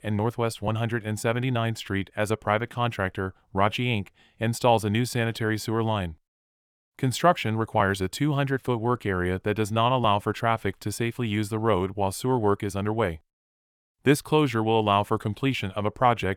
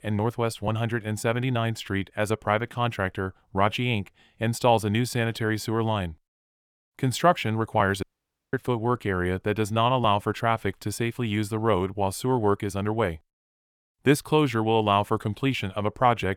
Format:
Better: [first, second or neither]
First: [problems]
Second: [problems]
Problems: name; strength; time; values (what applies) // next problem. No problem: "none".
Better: first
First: none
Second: audio cutting out; at 8 s for 0.5 s